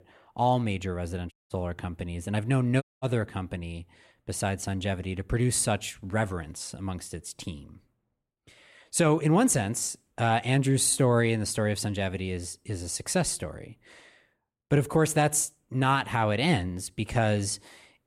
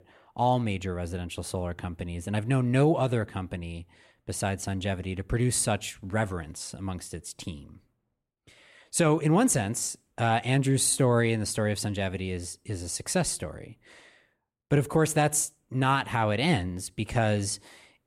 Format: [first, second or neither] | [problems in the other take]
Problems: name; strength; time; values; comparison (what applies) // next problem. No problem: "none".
second | audio cutting out; at 1.5 s and at 3 s